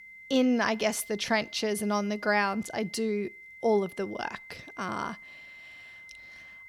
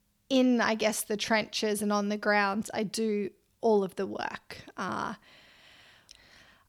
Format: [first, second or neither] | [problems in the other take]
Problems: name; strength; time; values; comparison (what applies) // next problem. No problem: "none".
second | high-pitched whine; noticeable; throughout; 2 kHz, 15 dB below the speech